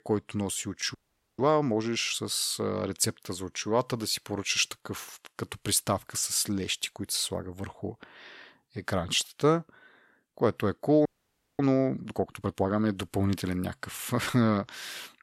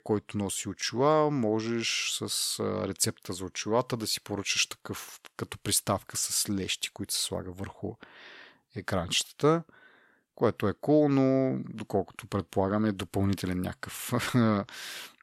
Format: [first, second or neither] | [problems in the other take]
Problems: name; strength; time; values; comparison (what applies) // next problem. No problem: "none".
second | audio freezing; at 1 s and at 11 s for 0.5 s